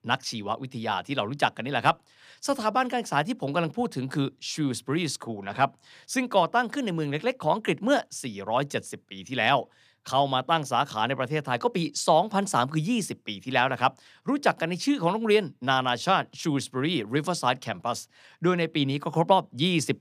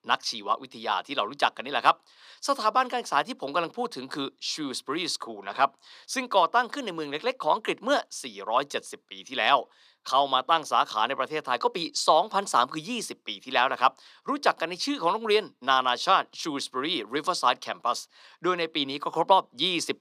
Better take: first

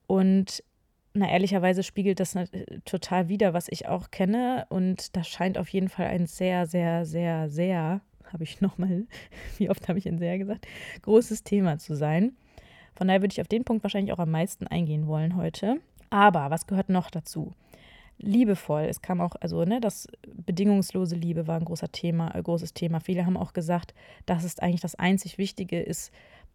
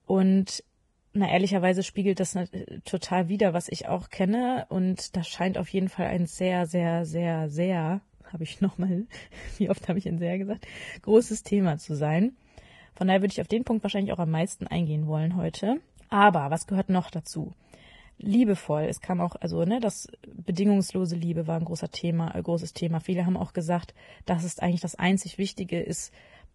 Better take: first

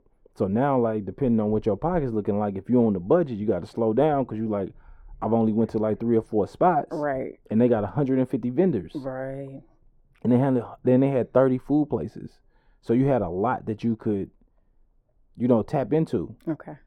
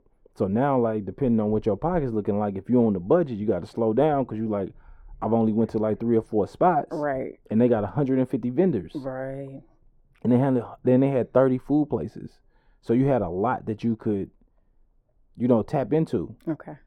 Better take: neither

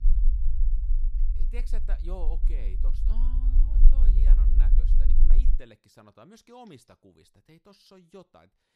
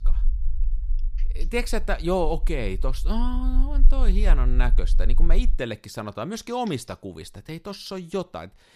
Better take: second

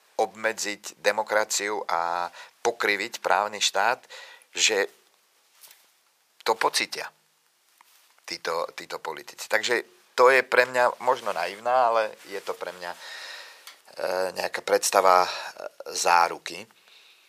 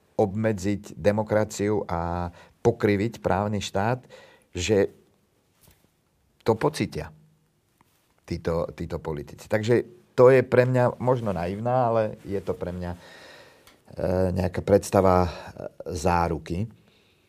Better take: second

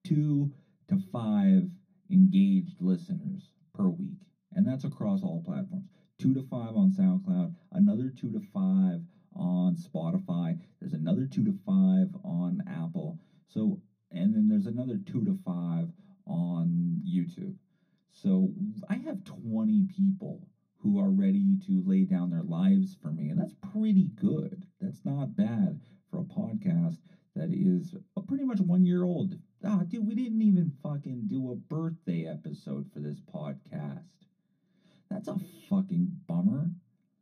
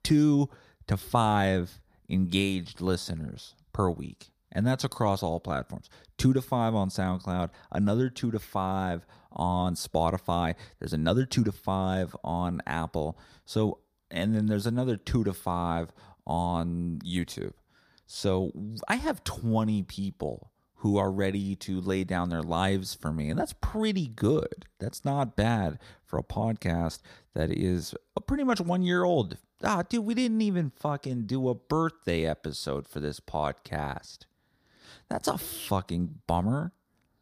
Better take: second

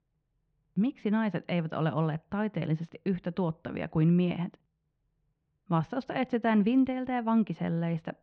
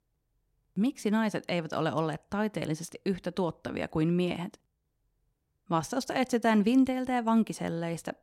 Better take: second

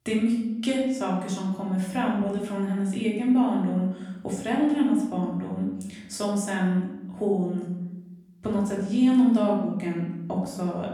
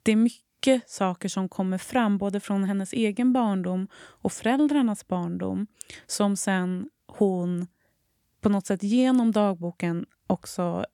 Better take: second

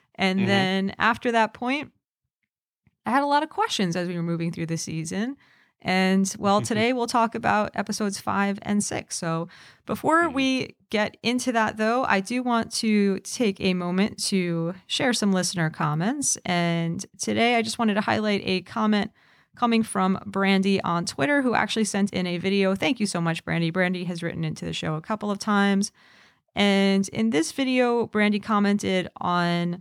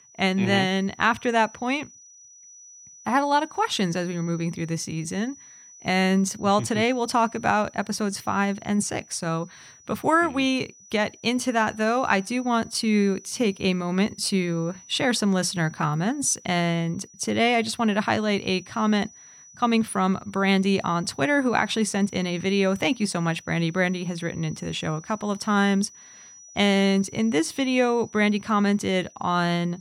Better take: first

